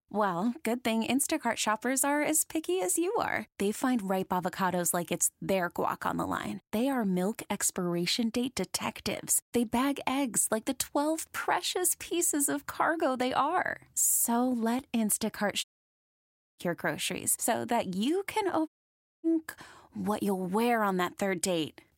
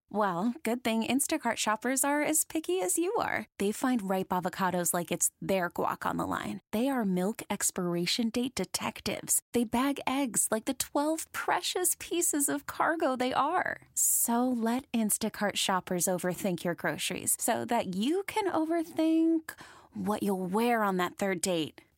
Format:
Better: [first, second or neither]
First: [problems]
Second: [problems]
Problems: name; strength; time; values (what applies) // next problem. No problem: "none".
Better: second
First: audio cutting out; at 16 s for 1 s and at 19 s for 0.5 s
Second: none